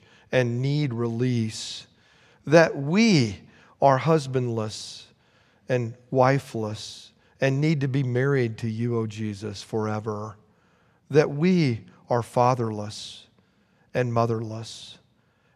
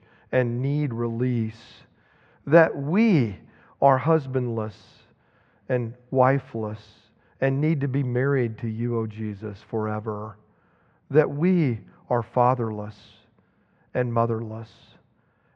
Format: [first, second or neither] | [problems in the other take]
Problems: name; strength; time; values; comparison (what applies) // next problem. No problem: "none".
first | muffled; very; fading above 1.5 kHz